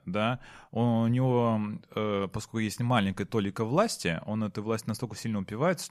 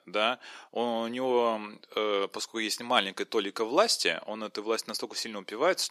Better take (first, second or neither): first